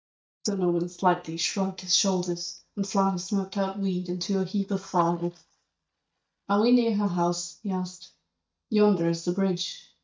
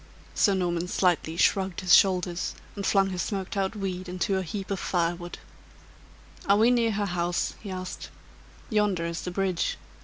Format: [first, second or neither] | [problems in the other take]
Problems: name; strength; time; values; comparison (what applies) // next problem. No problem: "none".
second | noise reduction (neural mask model DeepFilterNet 3)